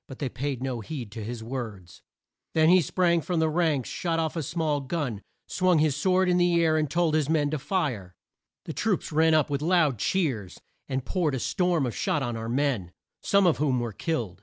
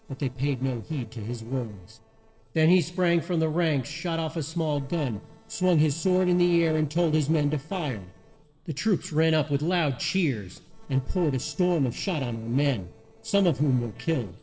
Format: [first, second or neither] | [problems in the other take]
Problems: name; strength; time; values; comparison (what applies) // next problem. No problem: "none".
first | noise reduction (neural separator model SepFormer DNS4)